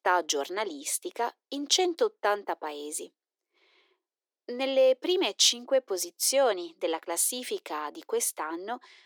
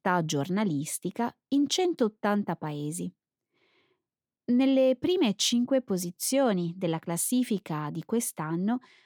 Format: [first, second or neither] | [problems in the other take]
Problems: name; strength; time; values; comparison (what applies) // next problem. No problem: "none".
second | thin; very; fading below 350 Hz